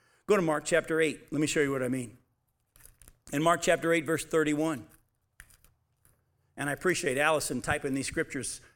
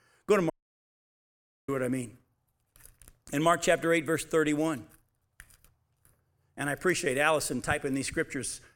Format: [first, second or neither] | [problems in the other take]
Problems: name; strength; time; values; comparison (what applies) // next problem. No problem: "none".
first | audio cutting out; at 0.5 s for 1 s